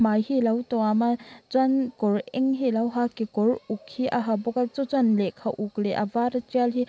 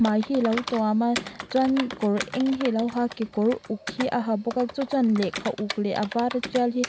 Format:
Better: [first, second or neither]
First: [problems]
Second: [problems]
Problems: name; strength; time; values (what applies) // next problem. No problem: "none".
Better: first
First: none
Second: background sound (Computer keyboard); 12 dB below the speech